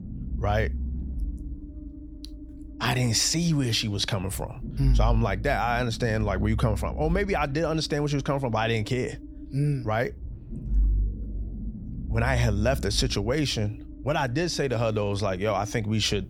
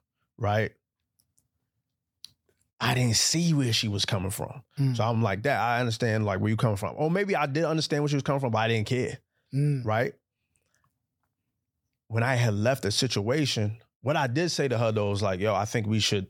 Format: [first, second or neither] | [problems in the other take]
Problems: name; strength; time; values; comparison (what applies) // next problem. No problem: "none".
second | low rumble; faint; throughout; 20 dB below the speech